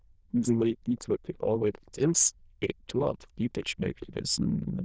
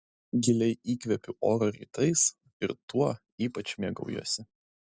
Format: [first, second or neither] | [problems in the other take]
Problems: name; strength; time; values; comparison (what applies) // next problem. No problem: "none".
second | noise reduction (neural diffusion model UNIVERSE++)